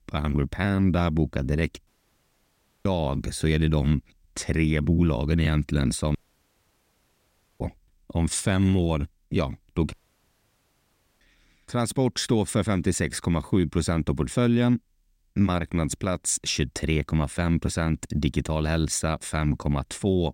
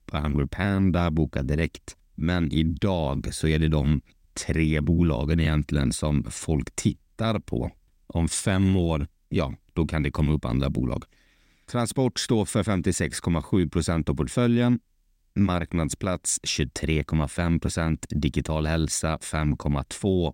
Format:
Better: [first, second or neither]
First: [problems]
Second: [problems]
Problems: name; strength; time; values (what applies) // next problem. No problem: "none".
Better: second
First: audio cutting out; at 2 s for 1 s, at 6 s for 1.5 s and at 10 s for 1.5 s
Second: none